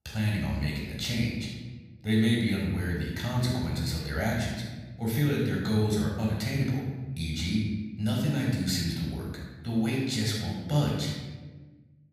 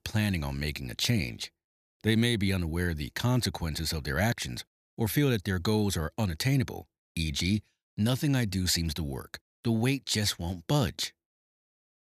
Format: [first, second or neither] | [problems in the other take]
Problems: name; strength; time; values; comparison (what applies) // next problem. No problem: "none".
second | off-mic speech; far // room echo; noticeable; dies away in 1.2 s